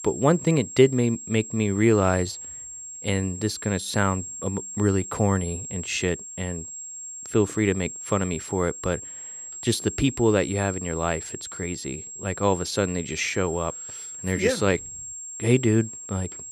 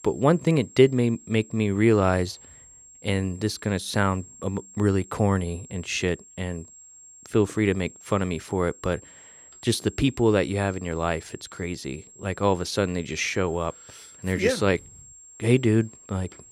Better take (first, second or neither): second